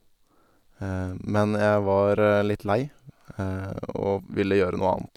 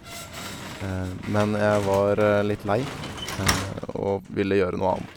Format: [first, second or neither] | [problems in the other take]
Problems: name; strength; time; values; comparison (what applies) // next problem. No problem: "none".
first | background sound (Slam); 10 dB below the speech